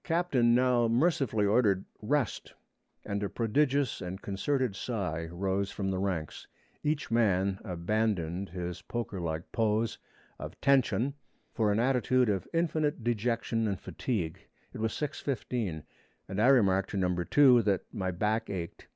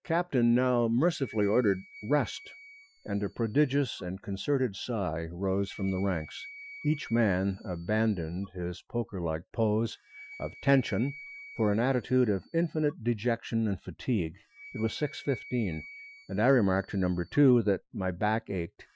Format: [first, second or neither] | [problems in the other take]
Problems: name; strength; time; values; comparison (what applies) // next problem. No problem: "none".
first | noise reduction (classical method Wiener filter)